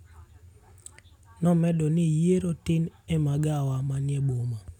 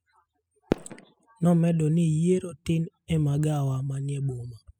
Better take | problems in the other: first | noise reduction (classical method spectral subtraction)

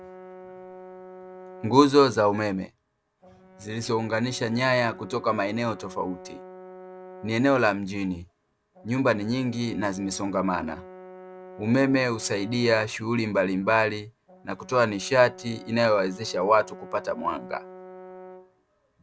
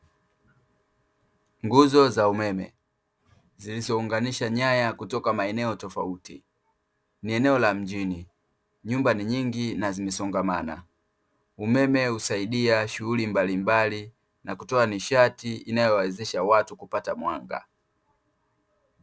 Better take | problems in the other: second | background sound (Brass instrument); 19 dB below the speech

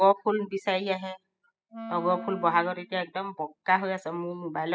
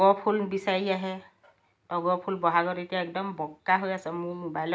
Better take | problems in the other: second | noise reduction (classical method spectral subtraction)

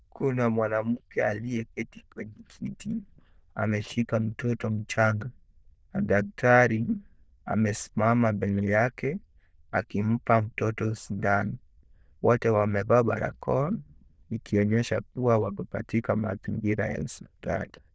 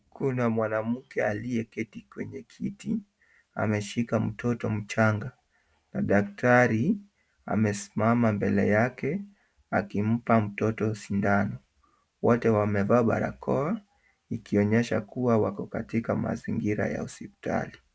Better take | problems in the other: second | noise reduction (neural diffusion model UNIVERSE++)

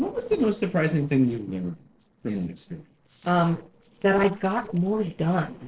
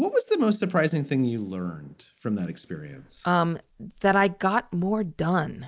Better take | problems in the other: second | noise reduction (neural separator model SepFormer DNS4)

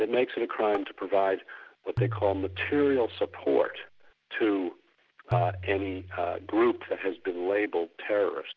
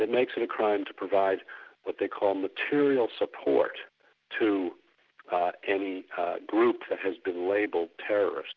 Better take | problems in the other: second | background sound (Tap + Tabla); 9 dB below the speech

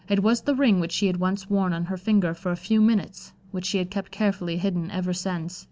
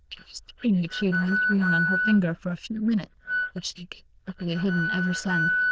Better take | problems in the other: first | noise reduction (neural diffusion model UNIVERSE++)

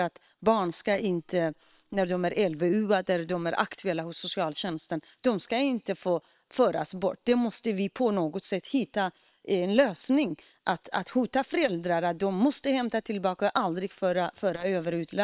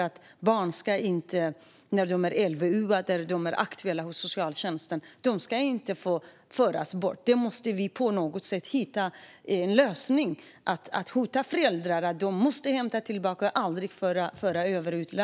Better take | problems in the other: second | noise reduction (neural separator model SepFormer WHAM!)

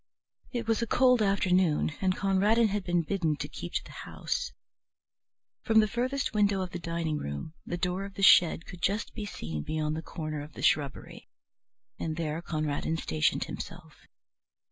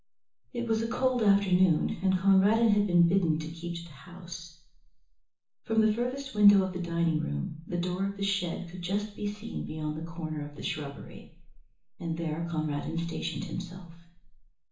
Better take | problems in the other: first | room echo; dies away in 0.8 s

